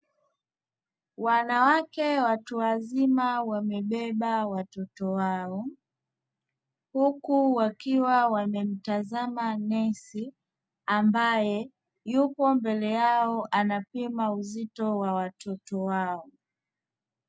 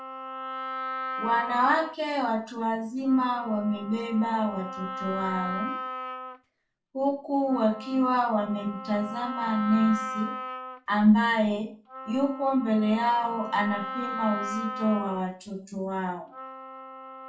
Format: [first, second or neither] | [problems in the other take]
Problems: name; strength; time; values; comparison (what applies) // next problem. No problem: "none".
first | background sound (Wind instrument, woodwind instrument); 9 dB below the speech // room echo; dies away in 0.3 s